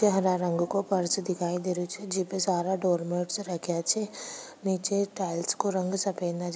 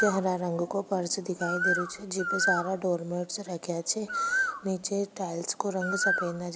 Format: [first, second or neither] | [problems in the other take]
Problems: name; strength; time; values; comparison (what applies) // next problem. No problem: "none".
first | background sound (Bird); 2 dB below the speech